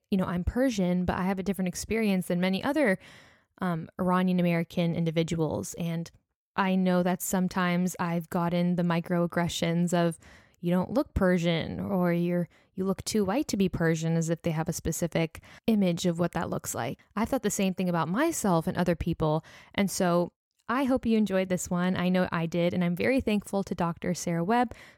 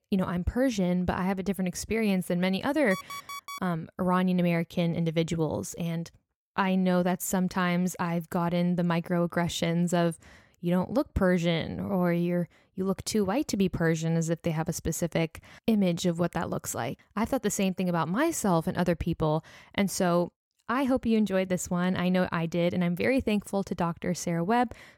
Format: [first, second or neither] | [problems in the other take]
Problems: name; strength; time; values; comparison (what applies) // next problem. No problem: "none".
first | alarm; faint; at 3 s; peak 10 dB below the speech